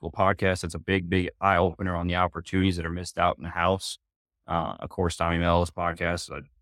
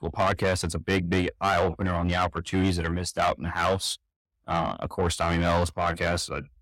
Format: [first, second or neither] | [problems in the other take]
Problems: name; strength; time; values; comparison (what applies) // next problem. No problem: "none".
first | distortion; heavy; 7 dB below the speech